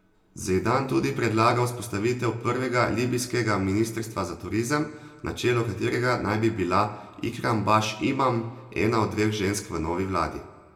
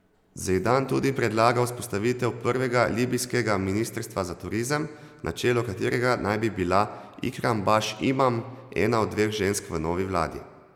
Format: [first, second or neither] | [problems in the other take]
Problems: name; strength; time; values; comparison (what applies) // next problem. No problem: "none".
second | room echo; dies away in 0.3 s